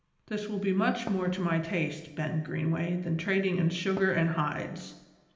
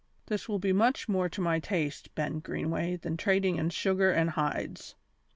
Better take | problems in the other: second | background sound (Fireworks); 18 dB below the speech // room echo; dies away in 0.9 s

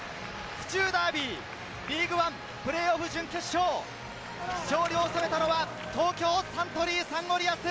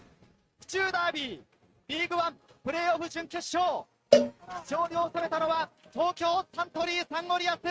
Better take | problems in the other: first | noise reduction (neural mask model RNNoise)

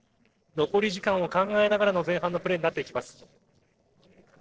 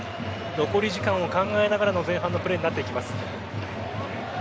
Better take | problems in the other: second | noise reduction (neural separator model SepFormer DNS4)

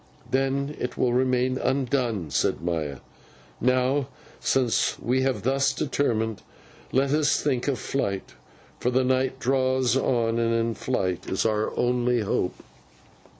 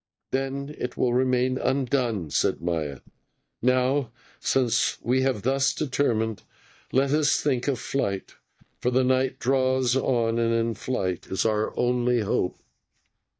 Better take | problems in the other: first | noise reduction (neural mask model DeepFilterNet 3)

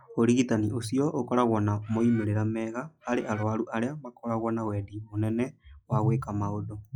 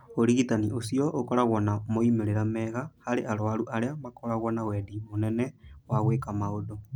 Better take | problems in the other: second | noise reduction (classical method log-MMSE)

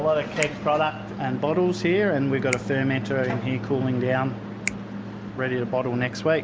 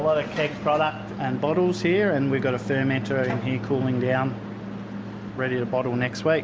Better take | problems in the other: second | background sound (Finger snapping); 16 dB below the speech

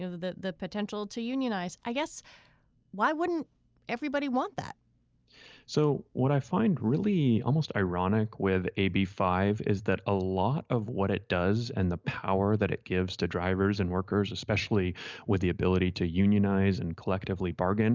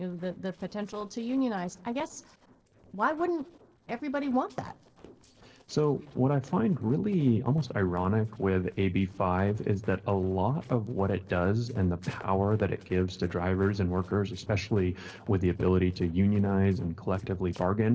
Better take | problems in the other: first | noise reduction (neural separator model SepFormer DNS4)

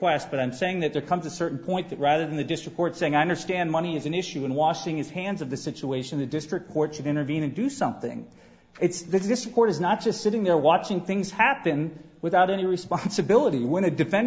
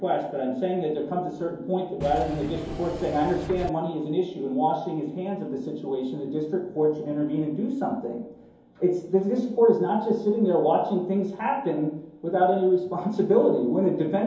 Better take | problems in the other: first | background sound (Engine / Mechanisms); 10 dB below the speech // room echo; dies away in 2.8 s

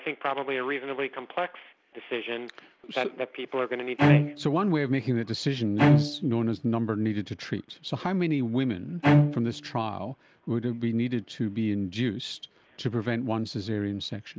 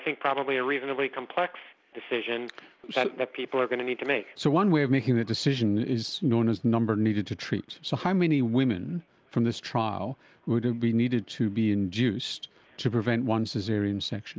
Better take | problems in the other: second | background sound (Bowed string instrument); 4 dB above the speech

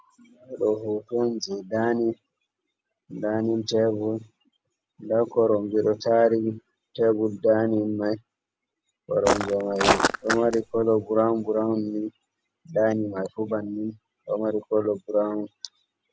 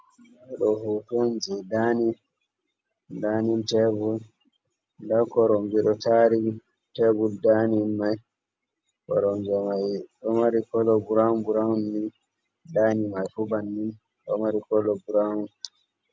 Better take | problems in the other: second | background sound (Walk, footsteps); 1 dB above the speech

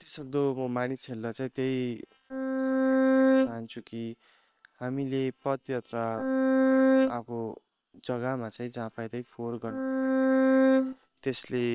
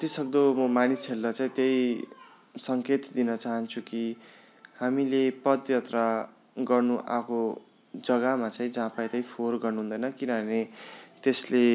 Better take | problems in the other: second | noise reduction (neural separator model SepFormer WHAM!)

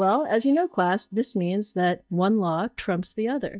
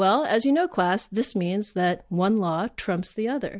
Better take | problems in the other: second | noise reduction (neural mask model DeepFilterNet 3)

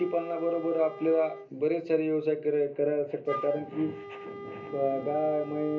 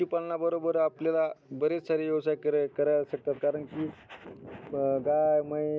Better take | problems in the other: second | background sound (Wind instrument, woodwind instrument); 14 dB below the speech // room echo; dies away in 0.3 s

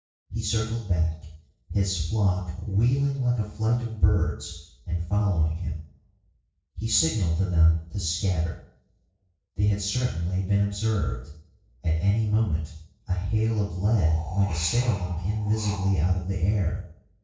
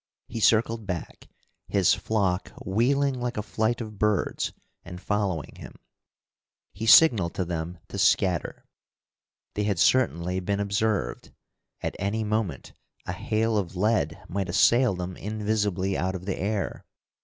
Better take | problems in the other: second | noise reduction (neural separator model SepFormer DNS4)

